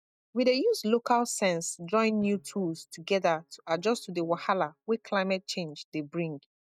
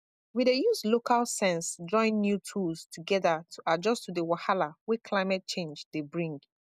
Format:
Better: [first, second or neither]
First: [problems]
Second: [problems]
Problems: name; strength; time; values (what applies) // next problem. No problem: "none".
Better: second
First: noise reduction (neural mask model DeepFilterNet 3)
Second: none